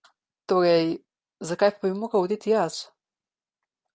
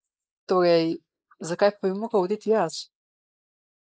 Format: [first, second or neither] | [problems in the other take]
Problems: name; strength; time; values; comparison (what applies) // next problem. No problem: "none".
first | noise reduction (neural mask model Resemble Enhance denoiser)